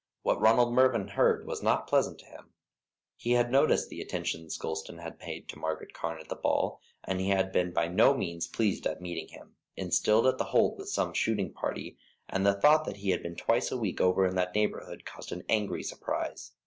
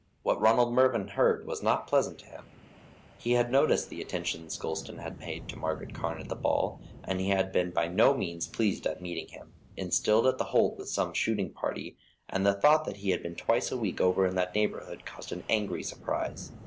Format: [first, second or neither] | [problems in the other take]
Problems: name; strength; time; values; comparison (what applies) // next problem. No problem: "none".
first | background sound (Wind); 20 dB below the speech